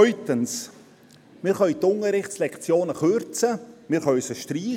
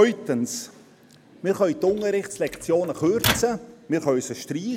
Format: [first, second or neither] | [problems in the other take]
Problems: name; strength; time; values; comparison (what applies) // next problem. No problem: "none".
first | background sound (Microwave oven); 8 dB below the speech